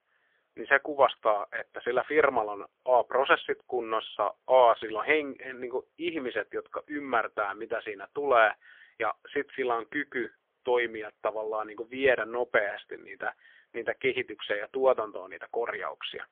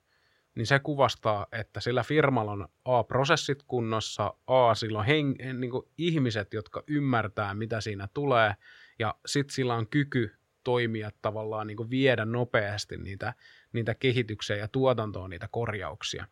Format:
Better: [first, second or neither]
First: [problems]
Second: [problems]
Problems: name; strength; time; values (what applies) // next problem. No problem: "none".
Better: second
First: phone-call audio; poor line; nothing above 3.5 kHz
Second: none